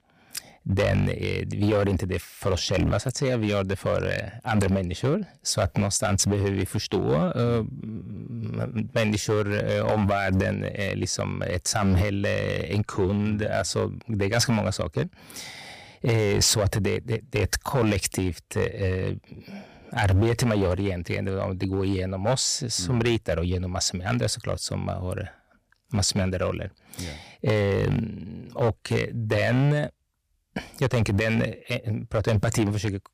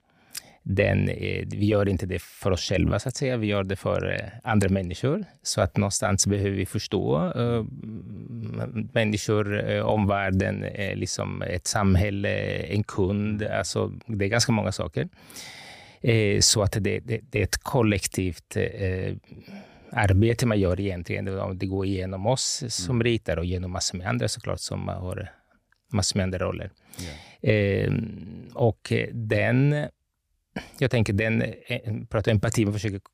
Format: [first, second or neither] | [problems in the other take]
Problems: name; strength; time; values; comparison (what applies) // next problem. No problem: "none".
second | distortion; slight; 5% of the sound clipped